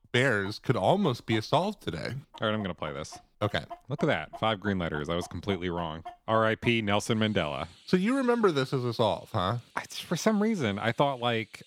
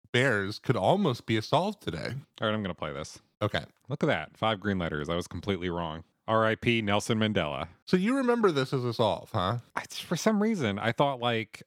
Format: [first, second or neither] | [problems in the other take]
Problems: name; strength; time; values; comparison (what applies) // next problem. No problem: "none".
second | animal sounds; faint; throughout; 20 dB below the speech